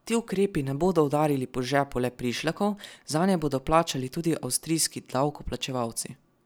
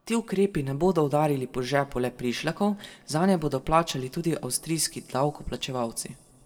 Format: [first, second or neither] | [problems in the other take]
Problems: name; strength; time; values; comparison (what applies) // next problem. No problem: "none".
first | room echo; dies away in 1.7 s